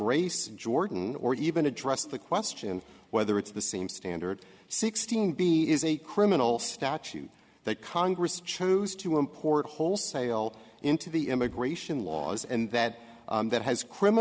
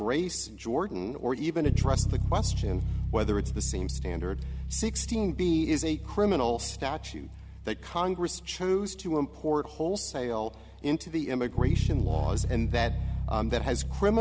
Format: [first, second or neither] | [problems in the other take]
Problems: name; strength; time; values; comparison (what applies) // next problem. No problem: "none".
first | background sound (Bass guitar); 2 dB below the speech